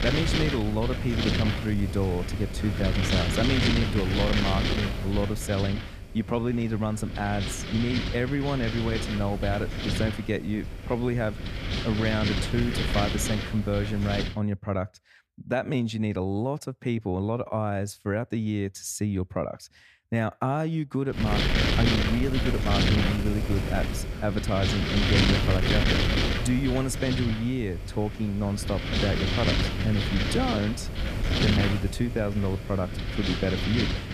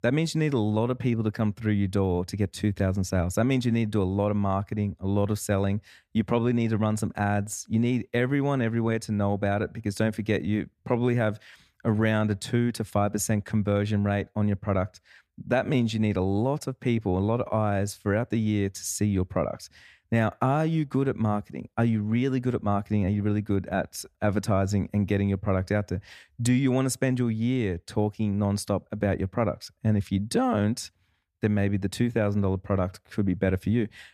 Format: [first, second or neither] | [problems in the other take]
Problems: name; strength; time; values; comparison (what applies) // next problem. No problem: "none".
second | wind noise on the microphone; heavy; until 14 s and from 21 s on; 2 dB above the speech